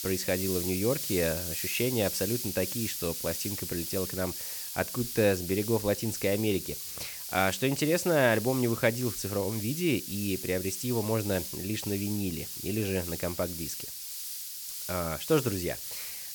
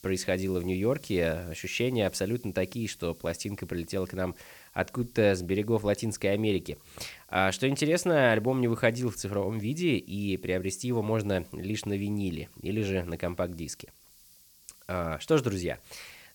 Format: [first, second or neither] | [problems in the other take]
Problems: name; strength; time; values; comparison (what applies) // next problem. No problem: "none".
second | hiss; loud; throughout; 4 dB below the speech; faint in the second